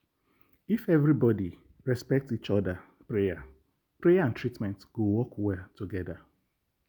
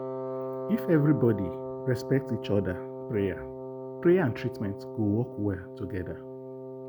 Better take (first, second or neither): first